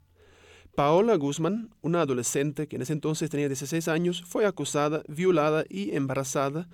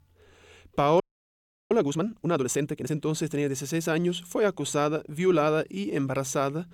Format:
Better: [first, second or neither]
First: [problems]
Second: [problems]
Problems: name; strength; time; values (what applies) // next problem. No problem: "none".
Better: first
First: none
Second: audio freezing; at 1 s for 0.5 s